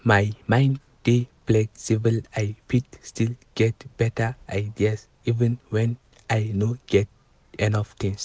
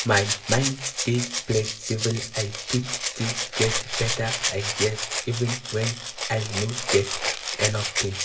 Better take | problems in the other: first | background sound (Rattle (instrument)); 2 dB below the speech // room echo; dies away in 0.2 s

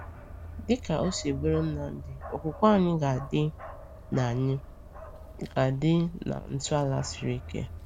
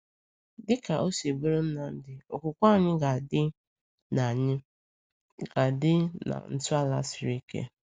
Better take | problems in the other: second | background sound (Bark); 13 dB below the speech

